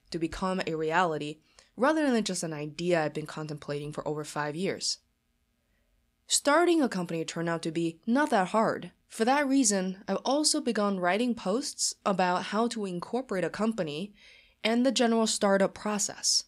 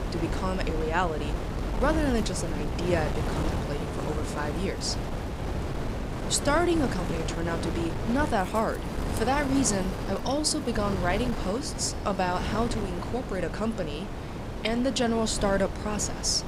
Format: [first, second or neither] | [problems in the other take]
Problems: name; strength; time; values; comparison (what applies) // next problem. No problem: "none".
first | wind noise on the microphone; heavy; 7 dB below the speech